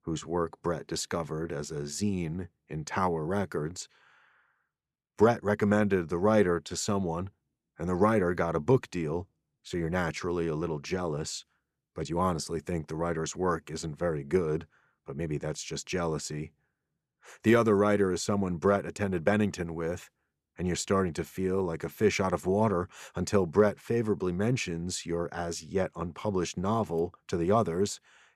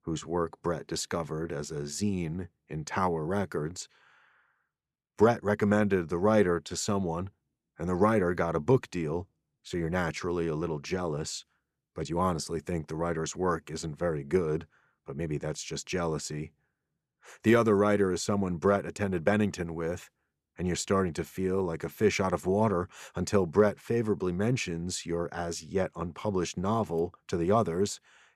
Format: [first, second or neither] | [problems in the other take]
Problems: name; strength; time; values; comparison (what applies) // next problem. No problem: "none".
neither | none